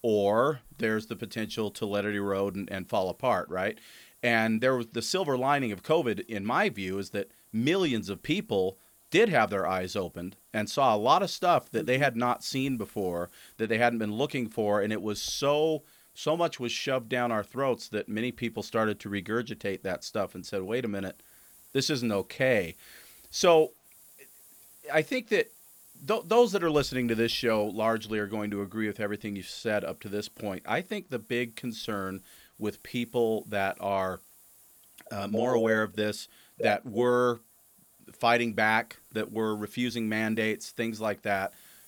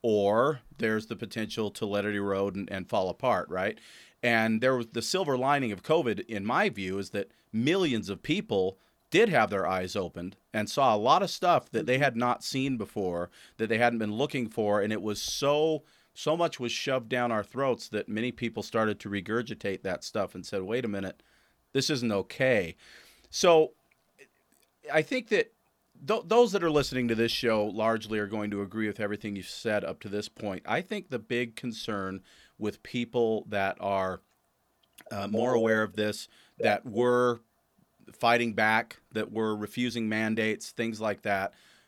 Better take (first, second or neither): second